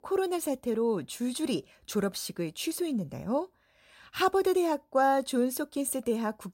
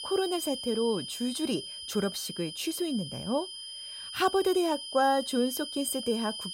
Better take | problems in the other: first | high-pitched whine; loud; throughout; 3 kHz, 7 dB below the speech

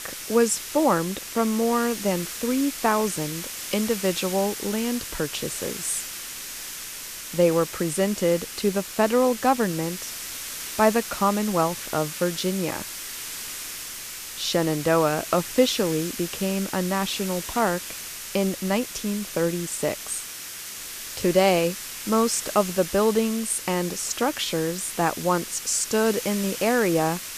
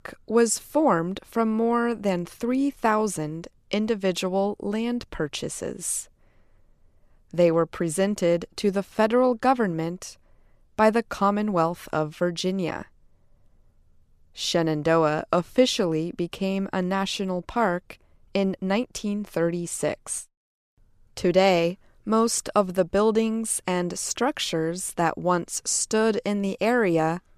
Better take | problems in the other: second | hiss; loud; throughout; 8 dB below the speech

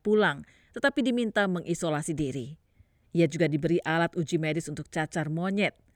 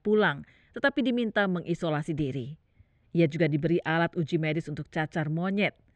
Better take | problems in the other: first | muffled; slightly; fading above 3 kHz

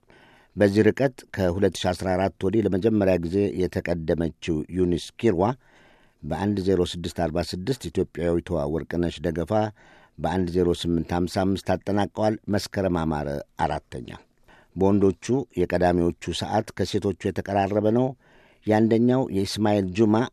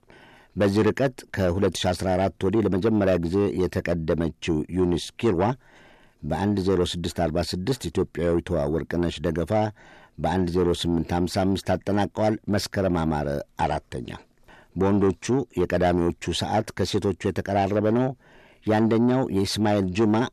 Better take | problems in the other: first | distortion; slight; 10 dB below the speech

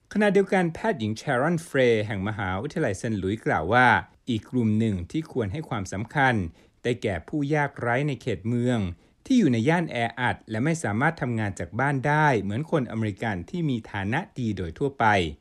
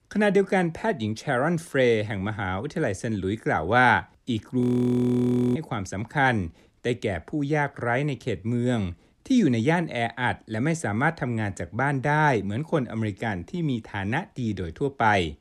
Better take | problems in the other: first | audio freezing; at 4.5 s for 1 s

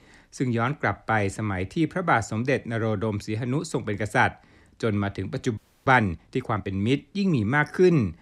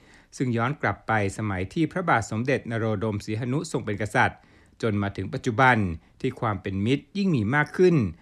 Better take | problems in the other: second | audio freezing; at 5.5 s

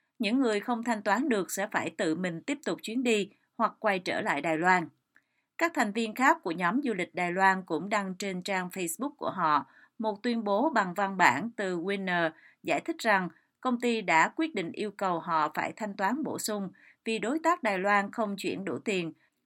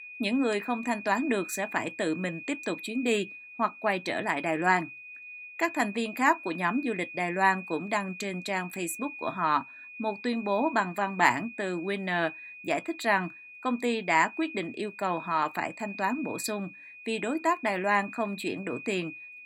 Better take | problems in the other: first | high-pitched whine; noticeable; throughout; 2.5 kHz, 15 dB below the speech

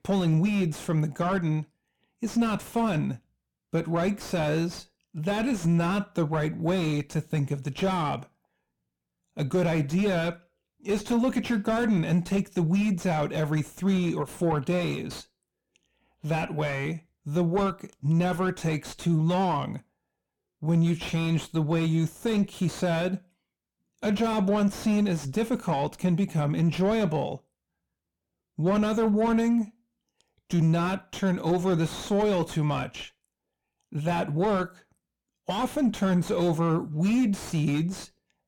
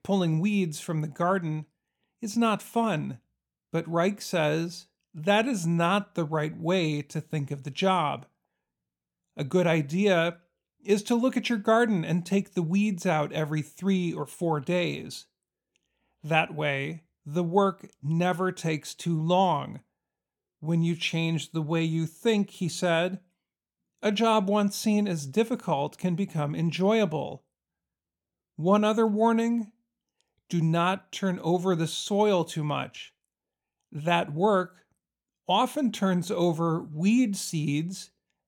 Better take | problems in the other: second | distortion; heavy; 7 dB below the speech

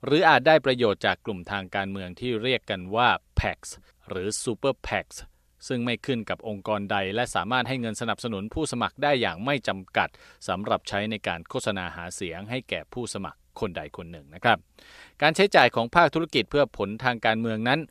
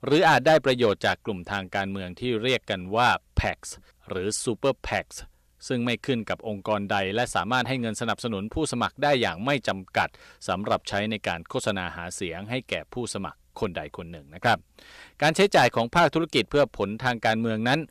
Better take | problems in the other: first | distortion; slight; 1.1% of the sound clipped

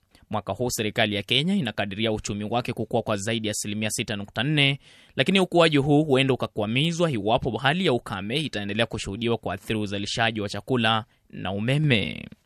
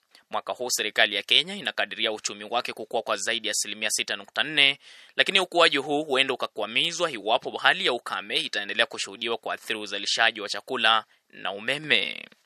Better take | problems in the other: first | thin; very; fading below 500 Hz

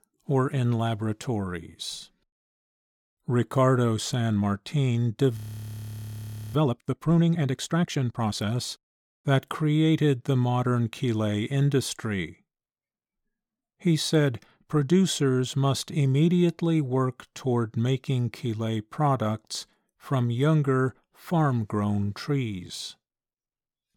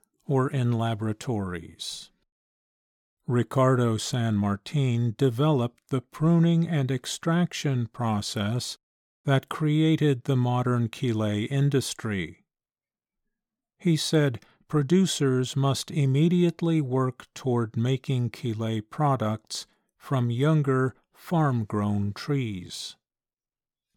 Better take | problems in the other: second | audio freezing; at 5.5 s for 1 s

